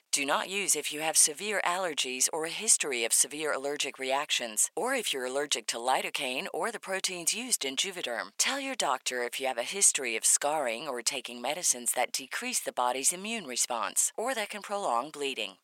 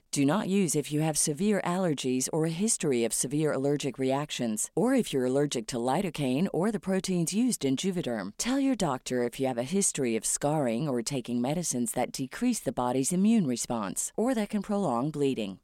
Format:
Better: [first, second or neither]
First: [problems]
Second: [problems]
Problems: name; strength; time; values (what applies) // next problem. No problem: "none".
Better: second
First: thin; very; fading below 800 Hz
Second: none